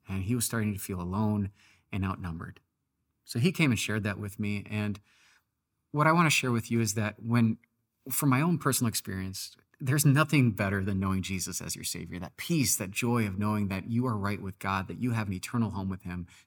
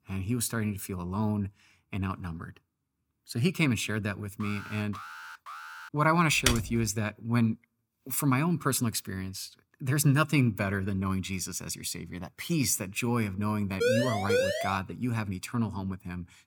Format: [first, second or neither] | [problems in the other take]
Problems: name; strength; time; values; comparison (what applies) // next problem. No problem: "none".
first | alarm; faint; from 4.5 to 6 s; peak 10 dB below the speech // keyboard typing; loud; at 6.5 s; peak 1 dB above the speech // siren; loud; at 14 s; peak 2 dB above the speech